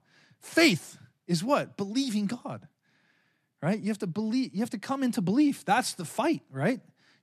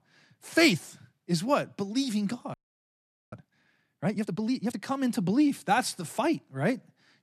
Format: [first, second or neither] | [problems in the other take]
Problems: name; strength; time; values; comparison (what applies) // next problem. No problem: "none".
first | audio freezing; at 2.5 s for 1 s